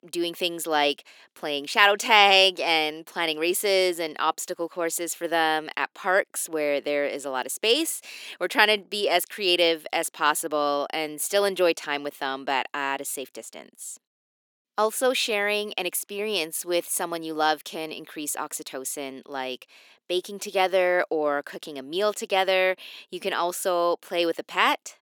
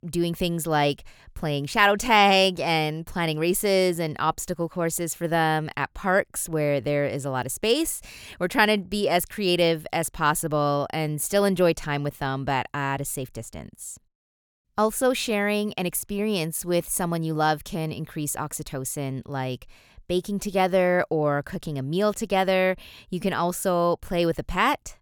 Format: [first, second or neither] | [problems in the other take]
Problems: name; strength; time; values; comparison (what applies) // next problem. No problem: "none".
second | thin; somewhat; fading below 300 Hz